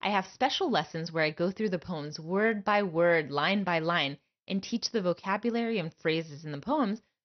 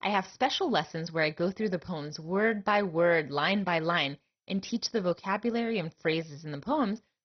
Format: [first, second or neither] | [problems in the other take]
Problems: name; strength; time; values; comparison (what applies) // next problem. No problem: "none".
first | garbled, watery; badly; nothing above 6 kHz; slightly in the first